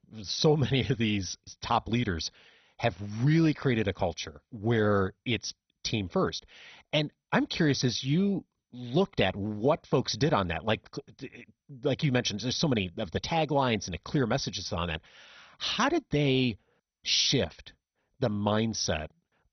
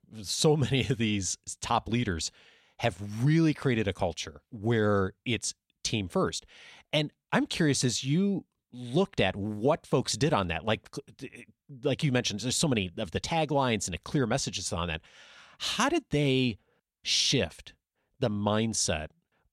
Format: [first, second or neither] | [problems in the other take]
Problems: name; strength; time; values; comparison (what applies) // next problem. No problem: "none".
second | garbled, watery; badly; nothing above 6 kHz